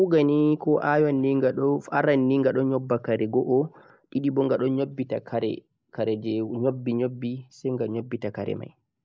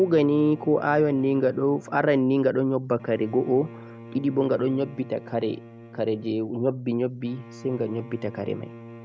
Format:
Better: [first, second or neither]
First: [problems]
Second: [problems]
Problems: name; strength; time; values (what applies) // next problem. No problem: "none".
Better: first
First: none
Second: background sound (Bowed string instrument); 19 dB below the speech